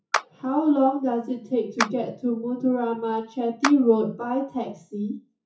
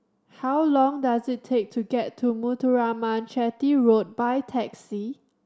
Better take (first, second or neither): second